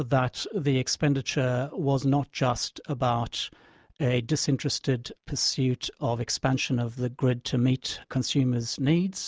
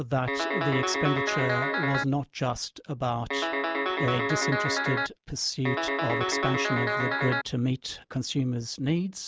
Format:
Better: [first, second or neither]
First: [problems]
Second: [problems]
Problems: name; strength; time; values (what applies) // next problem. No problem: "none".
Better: first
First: none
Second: background sound (Guitar); 2 dB above the speech